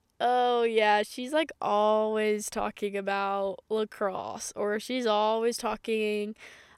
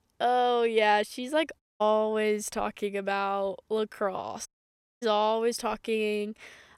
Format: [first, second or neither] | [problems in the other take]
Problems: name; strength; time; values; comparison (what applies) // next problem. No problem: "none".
first | audio cutting out; at 1.5 s and at 4.5 s for 0.5 s